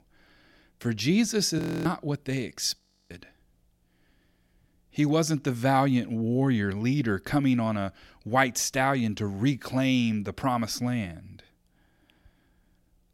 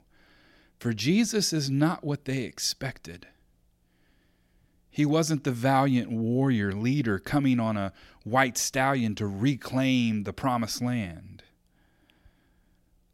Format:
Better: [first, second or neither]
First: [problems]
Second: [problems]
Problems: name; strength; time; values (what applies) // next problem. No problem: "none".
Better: second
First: audio freezing; at 1.5 s and at 3 s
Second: none